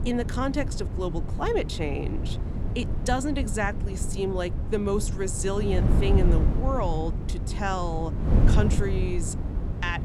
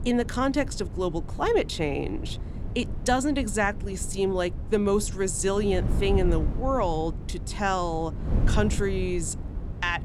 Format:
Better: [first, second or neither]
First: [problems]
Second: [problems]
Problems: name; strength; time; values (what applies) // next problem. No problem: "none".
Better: second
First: wind noise on the microphone; heavy; 8 dB below the speech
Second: wind noise on the microphone; occasional gusts; 15 dB below the speech